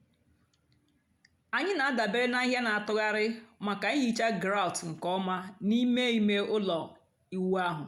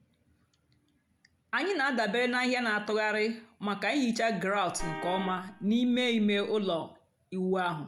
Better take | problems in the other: first | background sound (Vehicle horn, car horn, honking); 12 dB below the speech

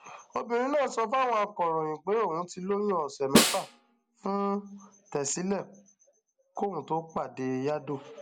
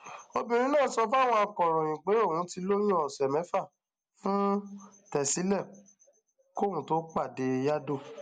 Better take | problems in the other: second | background sound (Snare drum); 3 dB above the speech

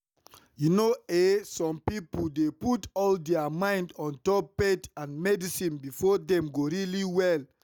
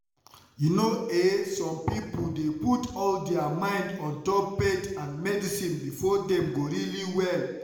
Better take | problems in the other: first | room echo; dies away in 0.9 s

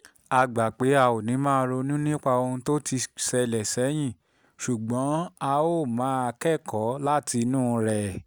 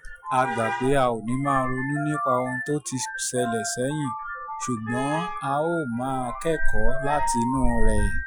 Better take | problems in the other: first | noise reduction (classical method Wiener filter)

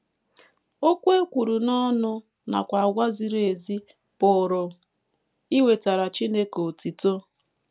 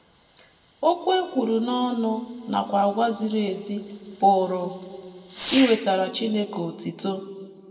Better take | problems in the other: first | background sound (Fireworks); 17 dB below the speech // room echo; dies away in 1.5 s

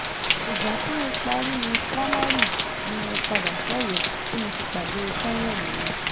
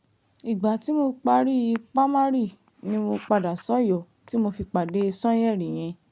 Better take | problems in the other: second | background sound (Rain); 4 dB above the speech

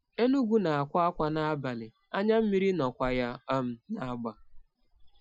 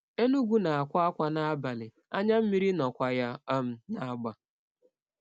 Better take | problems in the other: second | noise reduction (classical method Wiener filter)

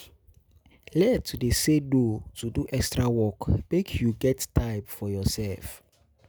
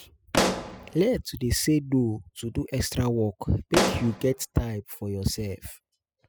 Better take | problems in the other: first | noise reduction (classical method spectral subtraction)

